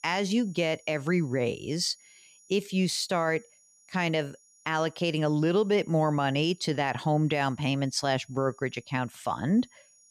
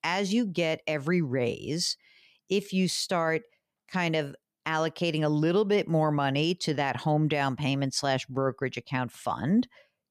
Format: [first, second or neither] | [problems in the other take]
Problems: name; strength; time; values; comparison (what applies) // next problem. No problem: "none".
second | high-pitched whine; faint; throughout; 7 kHz, 30 dB below the speech